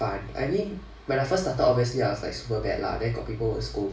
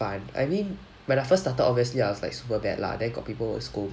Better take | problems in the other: second | room echo; dies away in 0.3 s

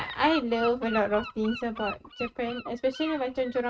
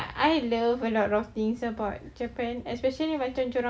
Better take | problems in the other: second | noise reduction (neural mask model RNNoise)

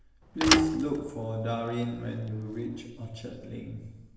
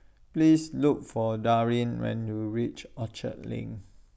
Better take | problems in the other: second | background sound (Thump, thud); 1 dB below the speech // room echo; dies away in 1 s

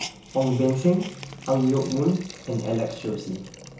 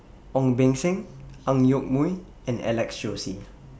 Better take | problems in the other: second | background sound (Hiss); 17 dB below the speech // room echo; dies away in 0.7 s

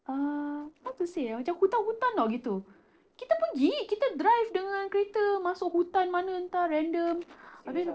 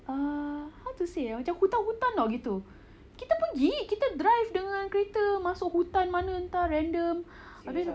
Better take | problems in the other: second | noise reduction (neural separator model SepFormer DNS4)

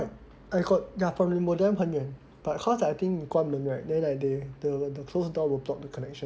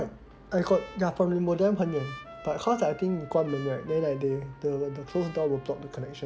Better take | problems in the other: first | background sound (Trumpet); 19 dB below the speech

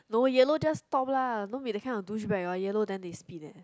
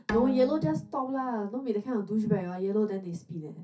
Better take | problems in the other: first | background sound (Bowed string instrument); 11 dB below the speech // room echo; dies away in 0.3 s

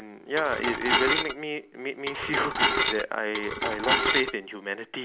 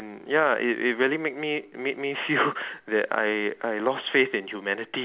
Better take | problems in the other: second | background sound (Dishes, pots, and pans / Glass); 3 dB above the speech

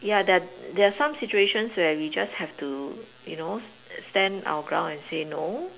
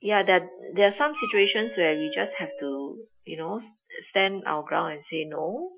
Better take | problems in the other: first | noise reduction (classical method Wiener filter)

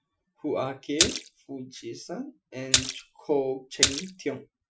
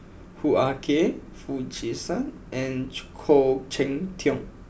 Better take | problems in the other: second | noise reduction (classical method Wiener filter)

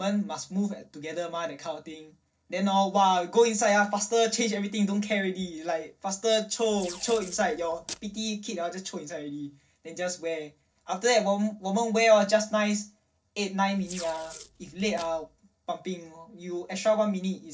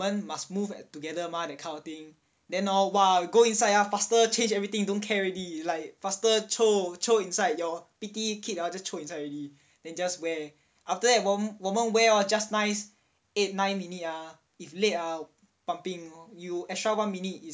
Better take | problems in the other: second | noise reduction (neural separator model SepFormer DNS4)

